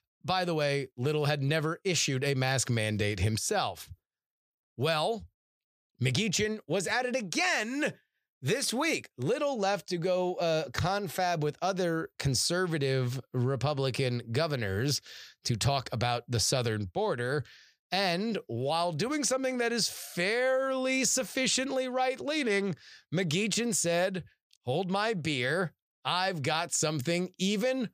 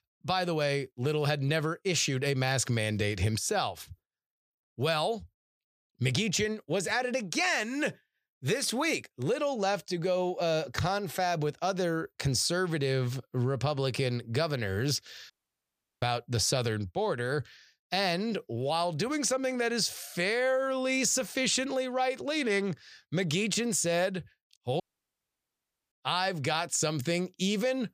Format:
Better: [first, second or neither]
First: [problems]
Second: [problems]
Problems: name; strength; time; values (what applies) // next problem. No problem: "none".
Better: first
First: none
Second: audio cutting out; at 15 s for 0.5 s and at 25 s for 1 s